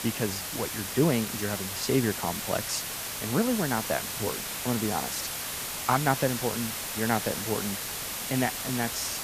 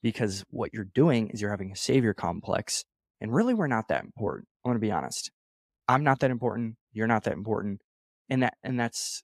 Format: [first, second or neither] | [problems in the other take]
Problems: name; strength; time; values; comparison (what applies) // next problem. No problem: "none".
second | hiss; loud; throughout; 2 dB below the speech